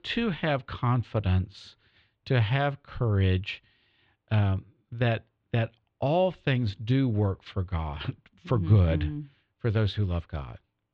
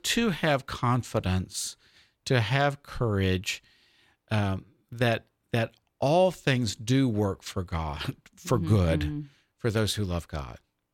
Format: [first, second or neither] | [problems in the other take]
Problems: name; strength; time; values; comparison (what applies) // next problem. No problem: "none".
second | muffled; slightly; fading above 3.5 kHz